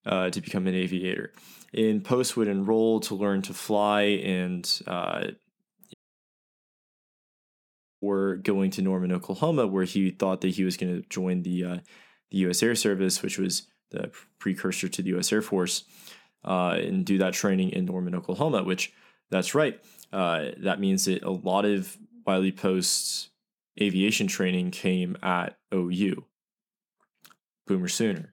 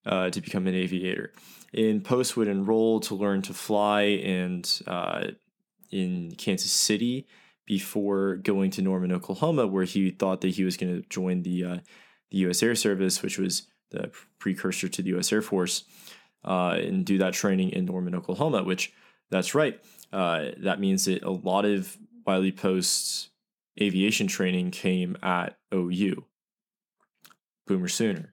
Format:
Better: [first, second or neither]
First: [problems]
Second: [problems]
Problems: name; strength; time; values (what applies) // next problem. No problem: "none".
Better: second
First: audio cutting out; at 6 s for 2 s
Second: none